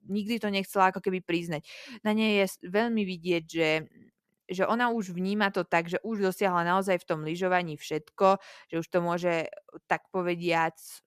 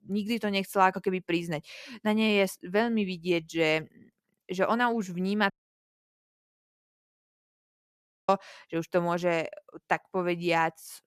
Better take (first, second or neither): first